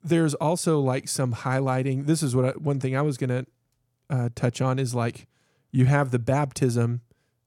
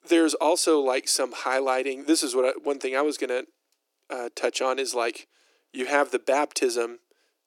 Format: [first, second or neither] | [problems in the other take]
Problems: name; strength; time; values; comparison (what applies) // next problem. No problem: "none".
first | thin; very; fading below 300 Hz